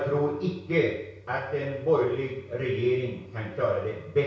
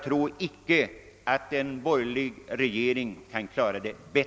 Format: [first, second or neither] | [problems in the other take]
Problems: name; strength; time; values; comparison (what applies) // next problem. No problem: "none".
second | room echo; dies away in 0.6 s